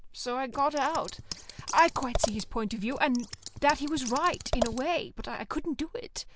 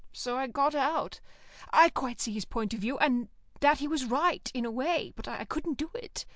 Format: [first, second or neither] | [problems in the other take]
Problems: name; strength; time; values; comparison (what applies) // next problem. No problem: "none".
second | background sound (Scissors); 7 dB below the speech